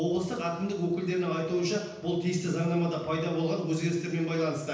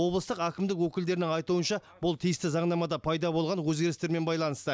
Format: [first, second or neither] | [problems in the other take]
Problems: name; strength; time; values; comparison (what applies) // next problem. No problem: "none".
second | room echo; dies away in 0.9 s